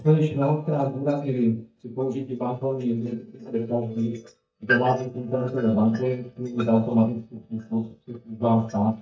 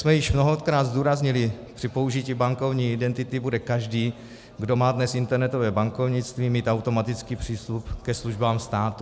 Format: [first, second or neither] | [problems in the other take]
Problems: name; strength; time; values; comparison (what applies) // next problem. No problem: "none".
second | noise reduction (neural mask model DeepFilterNet 3)